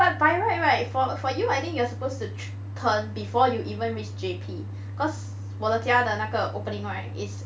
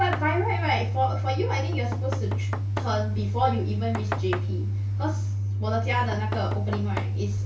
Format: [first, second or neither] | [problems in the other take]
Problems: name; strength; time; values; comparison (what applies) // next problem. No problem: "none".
first | background sound (Knock); 14 dB below the speech // room echo; dies away in 0.3 s